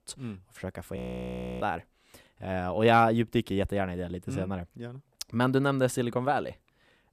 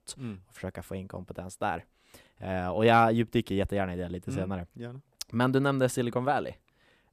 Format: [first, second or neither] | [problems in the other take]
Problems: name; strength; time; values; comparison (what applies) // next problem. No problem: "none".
second | audio freezing; at 1 s for 0.5 s